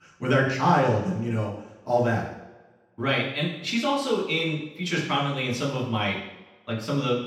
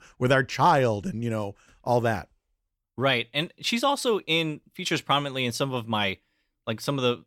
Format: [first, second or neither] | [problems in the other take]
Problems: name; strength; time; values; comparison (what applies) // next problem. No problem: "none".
second | room echo; noticeable; dies away in 0.9 s // off-mic speech; far